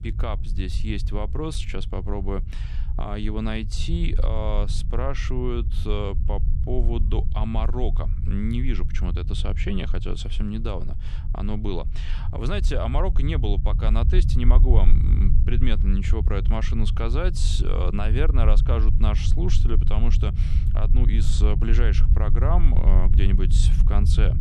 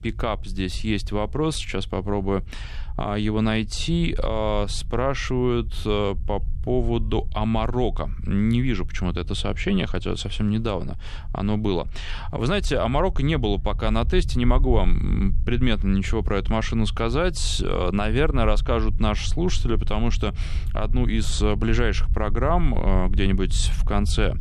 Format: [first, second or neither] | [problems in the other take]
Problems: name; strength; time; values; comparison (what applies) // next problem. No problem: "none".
second | low rumble; loud; throughout; 9 dB below the speech; faint in the second